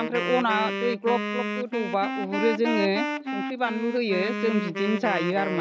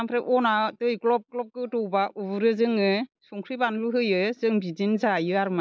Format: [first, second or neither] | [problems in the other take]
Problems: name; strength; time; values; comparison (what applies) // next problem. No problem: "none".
second | background sound (Wind instrument, woodwind instrument); 4 dB below the speech